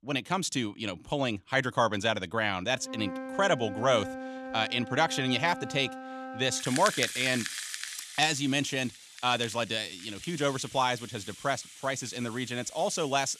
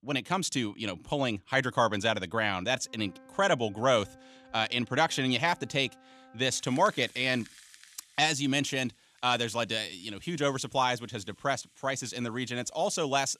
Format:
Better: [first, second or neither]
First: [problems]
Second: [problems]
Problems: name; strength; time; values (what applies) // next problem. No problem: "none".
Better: second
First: background music; loud; throughout; 10 dB below the speech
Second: background music; faint; throughout; 25 dB below the speech